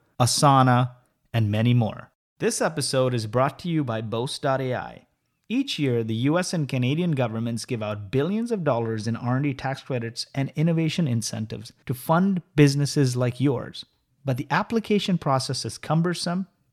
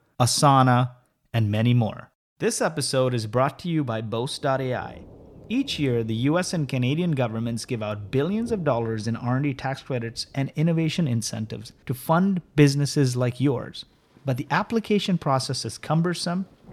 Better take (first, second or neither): first